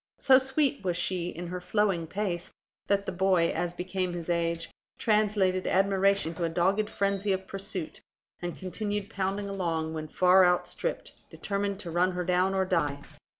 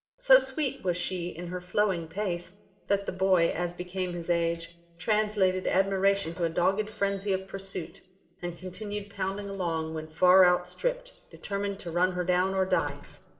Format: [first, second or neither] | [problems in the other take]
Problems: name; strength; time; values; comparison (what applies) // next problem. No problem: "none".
first | room echo; dies away in 1.4 s